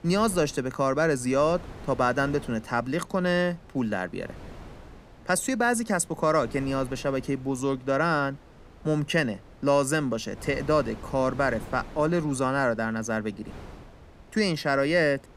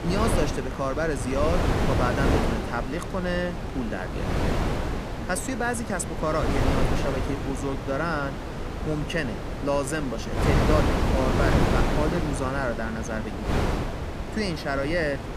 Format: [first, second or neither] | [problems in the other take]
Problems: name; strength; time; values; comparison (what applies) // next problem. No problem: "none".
first | wind noise on the microphone; heavy; 2 dB below the speech; occasional gusts in the first